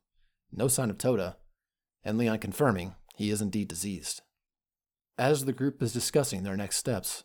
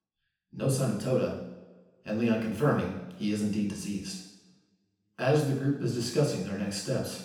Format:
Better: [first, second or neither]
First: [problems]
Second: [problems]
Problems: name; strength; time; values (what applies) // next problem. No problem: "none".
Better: first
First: none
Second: room echo; noticeable; dies away in 0.9 s // off-mic speech; far